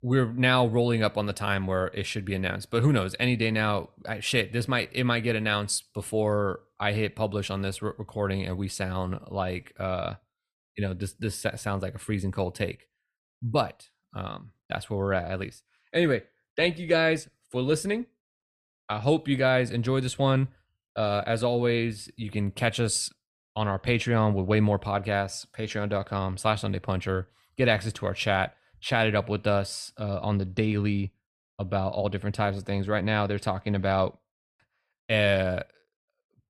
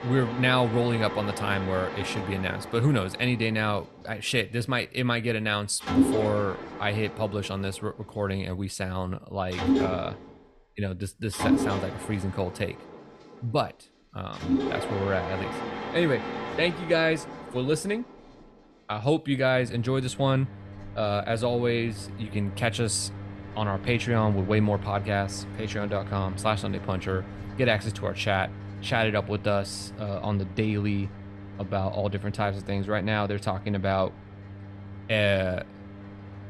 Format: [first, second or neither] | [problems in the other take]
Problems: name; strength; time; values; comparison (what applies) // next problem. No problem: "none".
first | machinery noise; loud; throughout; 7 dB below the speech